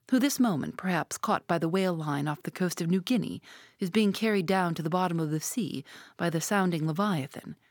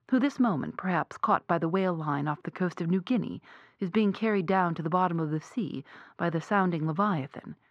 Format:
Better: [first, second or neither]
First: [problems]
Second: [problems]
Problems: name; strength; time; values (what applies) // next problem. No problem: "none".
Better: first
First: none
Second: muffled; very; fading above 2.5 kHz